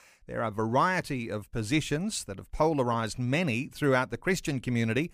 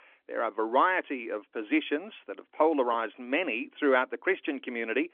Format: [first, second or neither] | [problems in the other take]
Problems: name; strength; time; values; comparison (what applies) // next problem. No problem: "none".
first | phone-call audio; nothing above 3.5 kHz